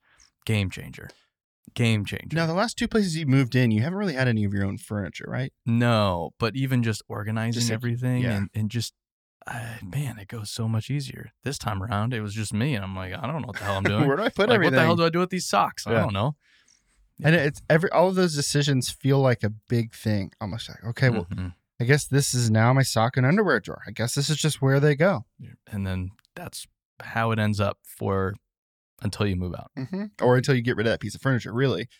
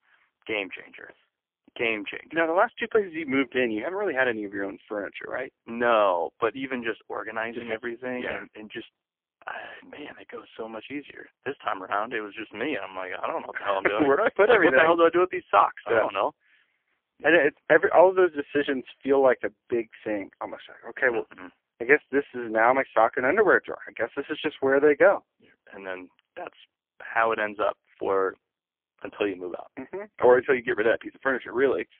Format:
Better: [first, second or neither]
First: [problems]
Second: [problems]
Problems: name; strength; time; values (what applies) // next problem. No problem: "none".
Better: first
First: none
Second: phone-call audio; poor line; nothing above 3.5 kHz